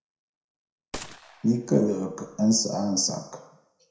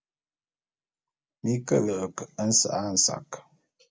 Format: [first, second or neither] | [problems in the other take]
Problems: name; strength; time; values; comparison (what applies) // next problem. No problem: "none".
second | background sound (Gunshot, gunfire); 18 dB below the speech // room echo; dies away in 0.6 s